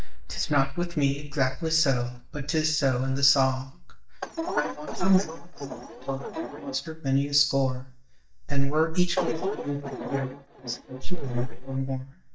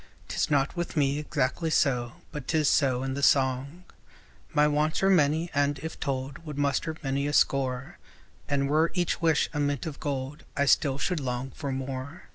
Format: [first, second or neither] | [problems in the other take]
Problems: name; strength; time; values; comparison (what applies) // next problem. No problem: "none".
second | noise reduction (neural mask model DeepFilterNet 3)